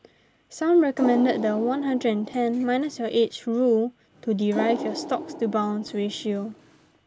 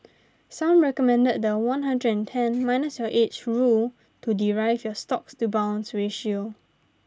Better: second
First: background sound (Water); 11 dB below the speech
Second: none

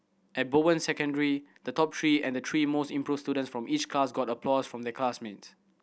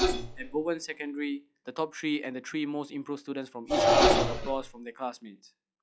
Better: first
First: none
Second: noise reduction (classical method log-MMSE)

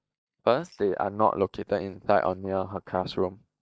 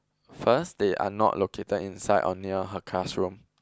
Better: second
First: noise reduction (neural mask model DeepFilterNet 3)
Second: none

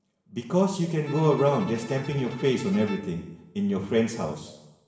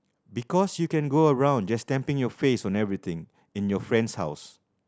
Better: second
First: background sound (Bowed string instrument); 17 dB below the speech // room echo; dies away in 0.9 s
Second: none

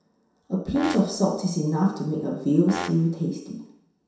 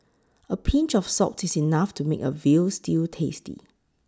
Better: second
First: background sound (Brass instrument); 12 dB below the speech // room echo; dies away in 0.7 s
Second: none

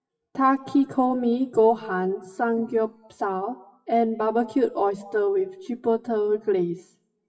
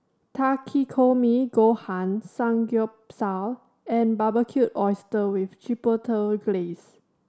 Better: second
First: noise reduction (classical method WPE with log-MMSE)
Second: none

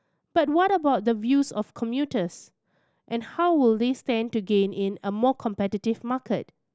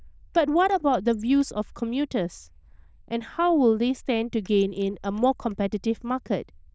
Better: first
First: none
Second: noise reduction (neural diffusion model UNIVERSE++)

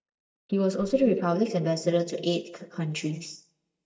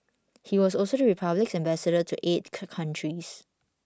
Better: second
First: noise reduction (neural mask model DeepFilterNet 3)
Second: none

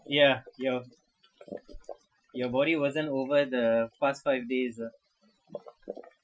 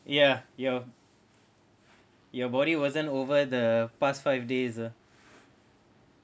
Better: second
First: noise reduction (classical method Wiener filter)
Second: none

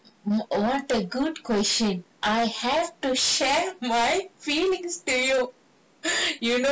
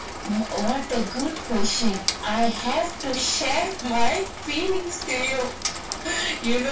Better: first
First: none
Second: background sound (Rain); 9 dB below the speech // room echo; dies away in 0.2 s

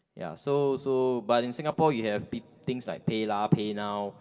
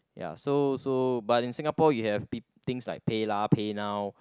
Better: second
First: room echo; dies away in 1.4 s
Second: none

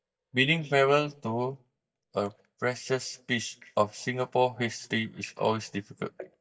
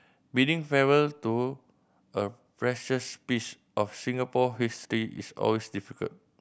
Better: second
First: noise reduction (neural mask model DeepFilterNet 3)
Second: none

